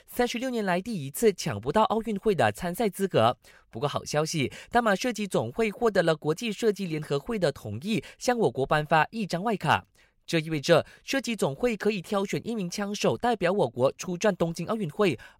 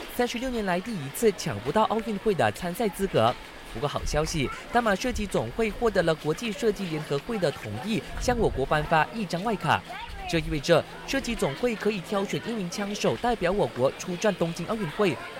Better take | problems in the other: first | hiss; noticeable; throughout; 10 dB below the speech

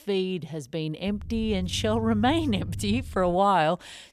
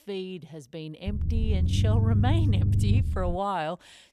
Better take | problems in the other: first | low rumble; loud; from 1 to 3.5 s; 6 dB below the speech; faint in the first

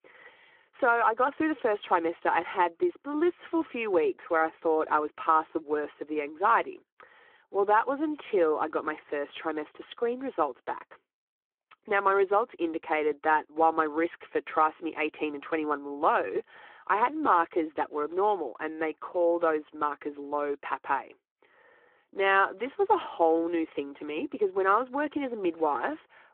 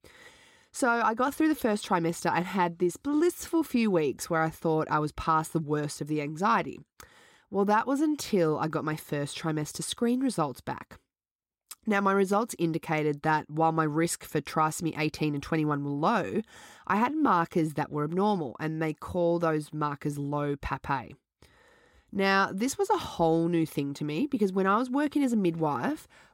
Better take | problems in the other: second | phone-call audio

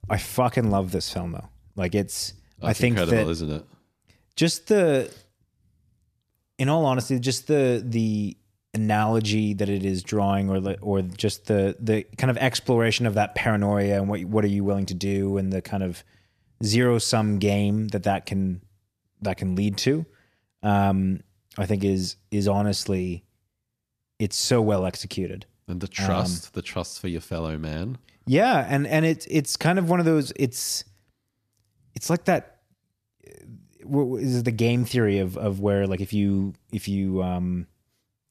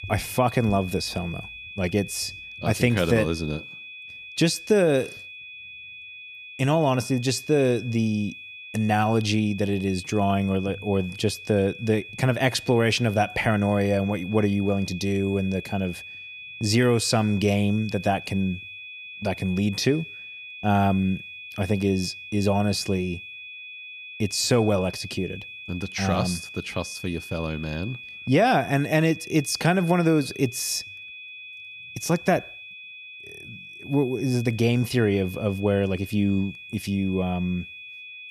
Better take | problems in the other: first | high-pitched whine; noticeable; throughout; 2.5 kHz, 15 dB below the speech

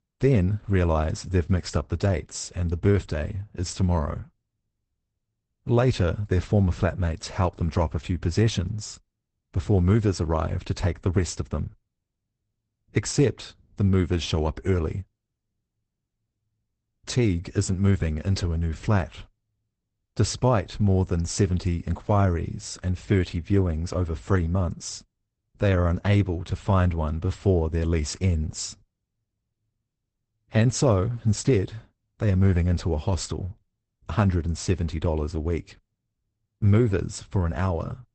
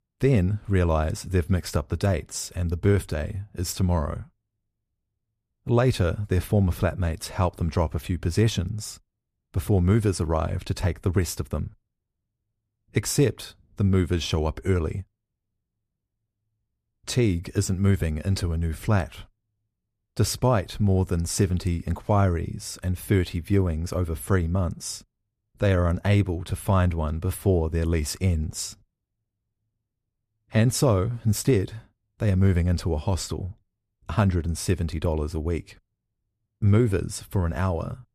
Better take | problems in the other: second | garbled, watery; badly; nothing above 8 kHz

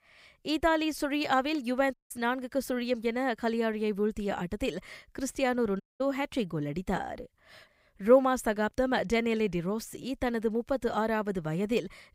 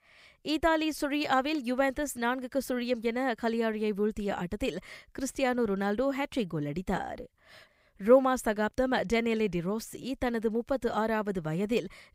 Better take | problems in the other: second | audio cutting out; at 2 s and at 6 s

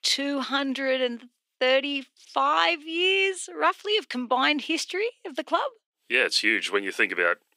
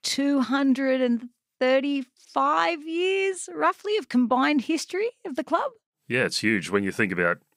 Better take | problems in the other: second | thin; somewhat; fading below 300 Hz

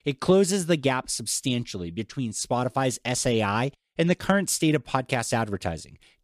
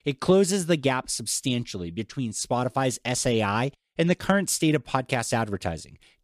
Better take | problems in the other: neither | none

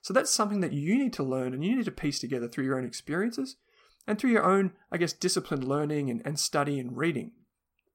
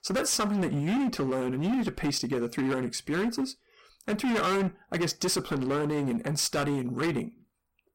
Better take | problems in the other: first | distortion; heavy; 20% of the sound clipped

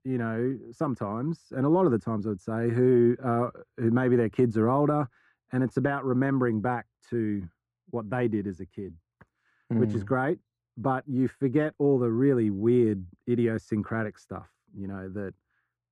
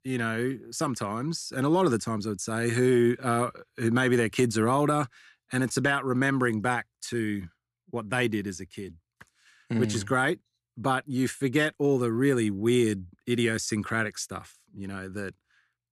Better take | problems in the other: second | muffled; very; fading above 2 kHz

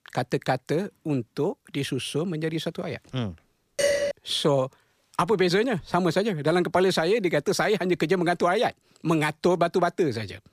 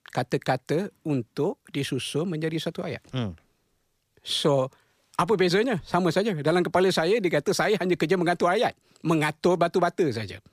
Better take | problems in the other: second | clattering dishes; loud; at 4 s; peak 1 dB above the speech

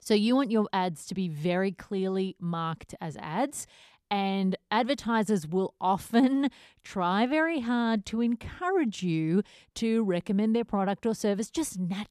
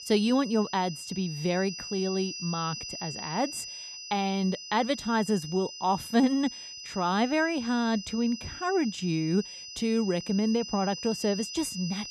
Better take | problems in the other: first | high-pitched whine; loud; throughout; 5 kHz, 9 dB below the speech

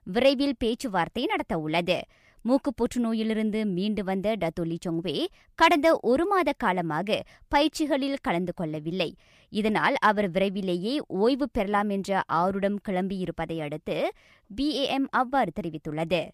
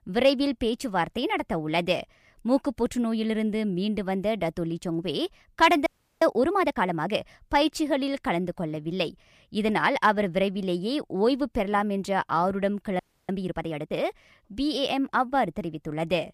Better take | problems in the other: first | audio freezing; at 6 s and at 13 s

